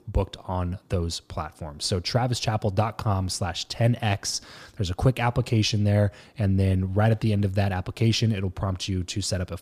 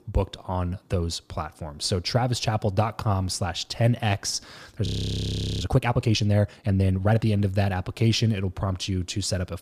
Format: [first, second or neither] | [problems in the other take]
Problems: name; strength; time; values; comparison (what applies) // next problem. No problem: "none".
first | audio freezing; at 5 s for 1 s